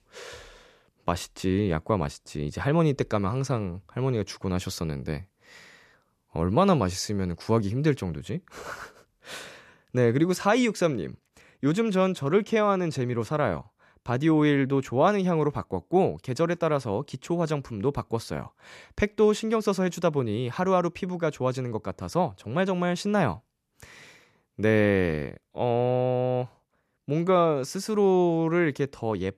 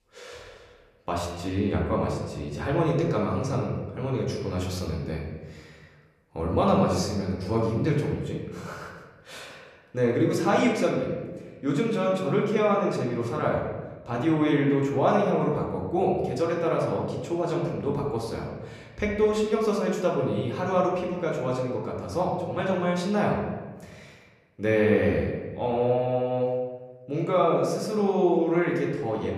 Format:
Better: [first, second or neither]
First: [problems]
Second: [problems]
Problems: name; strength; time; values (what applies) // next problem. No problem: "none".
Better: first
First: none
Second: room echo; noticeable; dies away in 1.1 s // off-mic speech; far